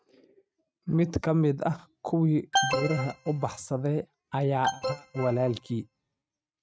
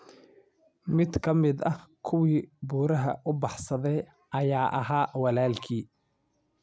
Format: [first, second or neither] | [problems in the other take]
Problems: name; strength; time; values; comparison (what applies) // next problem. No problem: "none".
second | noise reduction (neural mask model RNNoise)